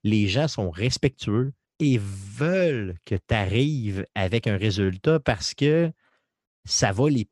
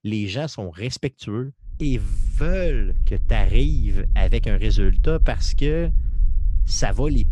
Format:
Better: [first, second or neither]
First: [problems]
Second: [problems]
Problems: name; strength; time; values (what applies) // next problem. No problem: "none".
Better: first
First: none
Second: low rumble; noticeable; from 1.5 s on; 20 dB below the speech